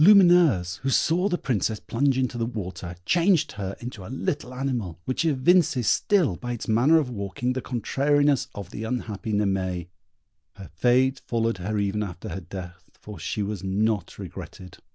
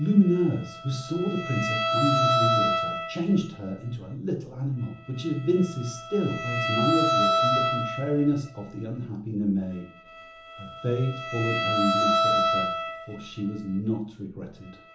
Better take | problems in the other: first | background sound (Bowed string instrument); 1 dB below the speech // room echo; dies away in 1.2 s

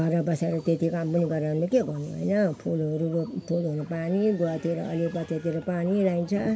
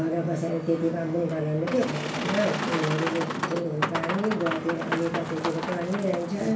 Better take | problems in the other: first | background sound (Boat, Water vehicle); 5 dB below the speech // room echo; dies away in 0.3 s

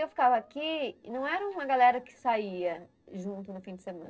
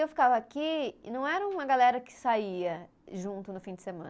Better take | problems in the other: second | noise reduction (neural separator model SepFormer DNS4)

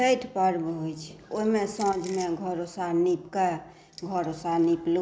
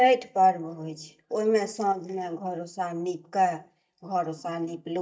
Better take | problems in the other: first | noise reduction (neural mask model DeepFilterNet 3)

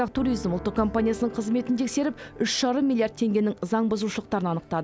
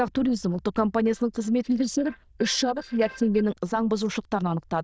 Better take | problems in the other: first | noise reduction (neural diffusion model UNIVERSE++)

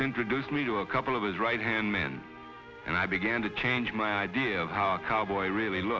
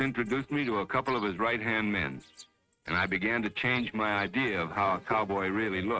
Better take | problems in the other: first | noise reduction (neural mask model RNNoise)

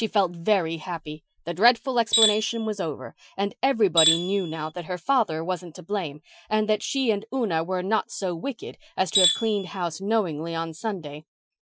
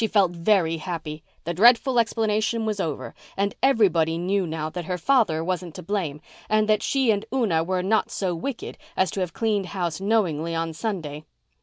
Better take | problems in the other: second | noise reduction (classical method Wiener filter)

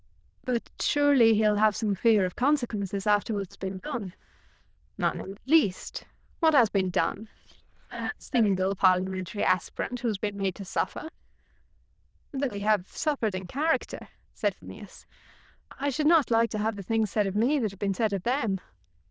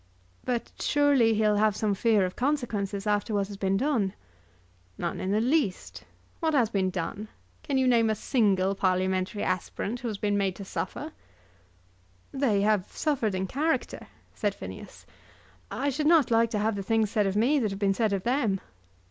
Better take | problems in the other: second | noise reduction (neural diffusion model UNIVERSE++)

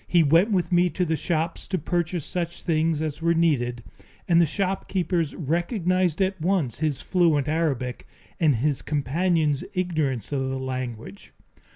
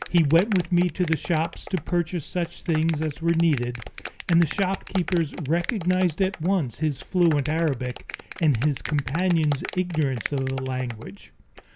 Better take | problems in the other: first | background sound (Clapping); 14 dB below the speech

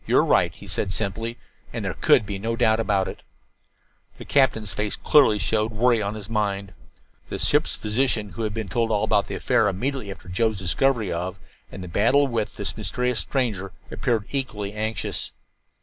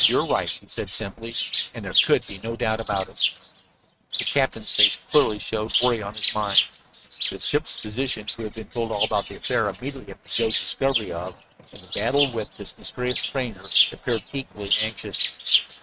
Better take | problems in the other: first | noise reduction (neural mask model RNNoise)

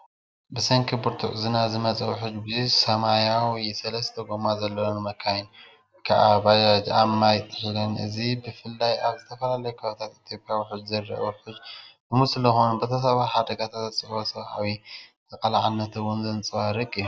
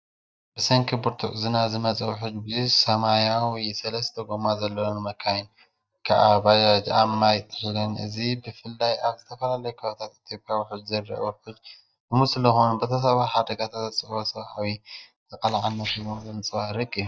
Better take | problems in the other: first | noise reduction (neural mask model DeepFilterNet 3)

